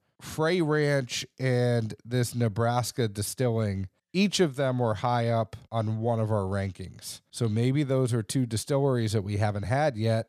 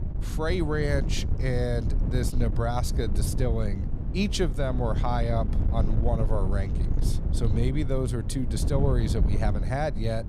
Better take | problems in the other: first | wind noise on the microphone; heavy; 9 dB below the speech

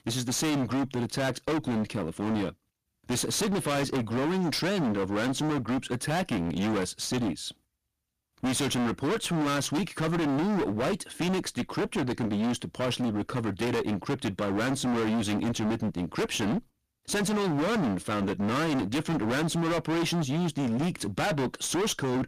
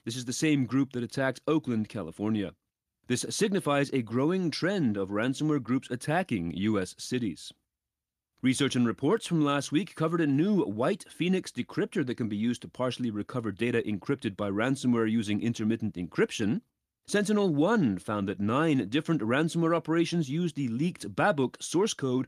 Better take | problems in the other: second | distortion; heavy; 37% of the sound clipped

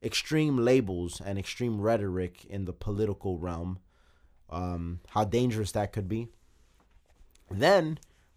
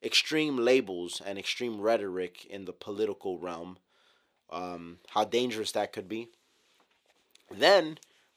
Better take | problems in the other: first | thin; somewhat; fading below 350 Hz

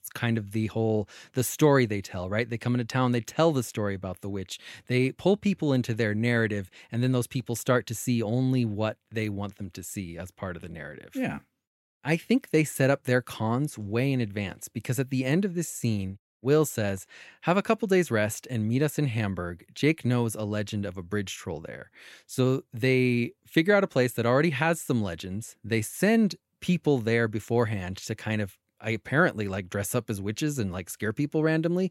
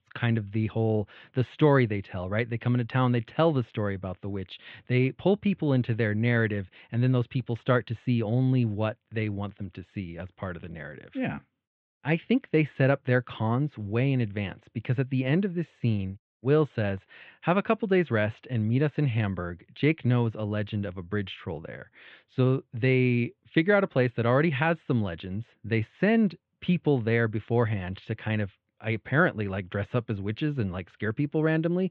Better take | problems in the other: first | muffled; very; fading above 3.5 kHz

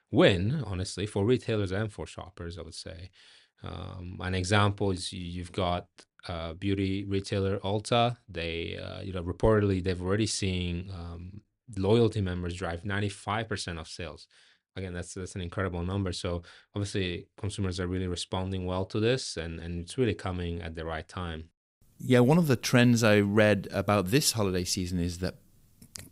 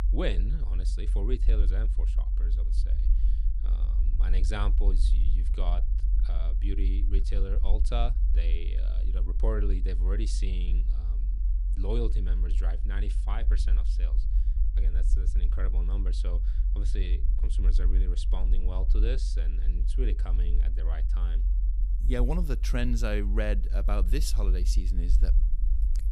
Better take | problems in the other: first | low rumble; noticeable; throughout; 10 dB below the speech

